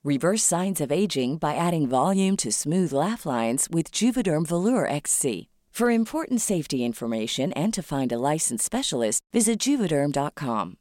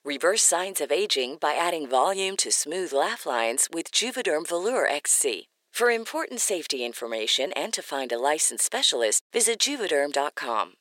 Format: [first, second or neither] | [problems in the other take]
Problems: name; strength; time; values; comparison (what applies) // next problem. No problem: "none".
first | thin; very; fading below 400 Hz